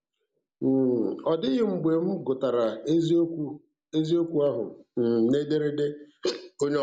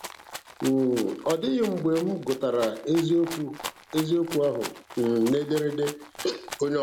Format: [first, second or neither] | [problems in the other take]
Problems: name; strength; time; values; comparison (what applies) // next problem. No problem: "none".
first | background sound (Rattle (instrument)); 14 dB below the speech